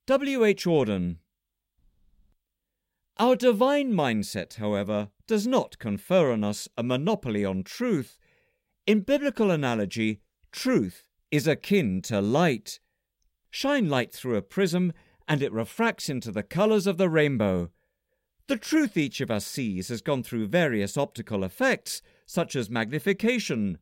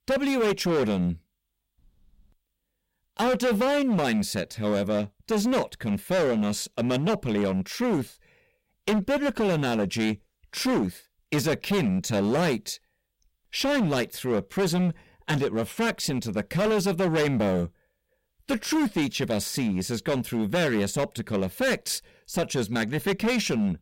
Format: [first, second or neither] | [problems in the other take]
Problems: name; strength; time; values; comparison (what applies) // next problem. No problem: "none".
first | distortion; heavy; 15% of the sound clipped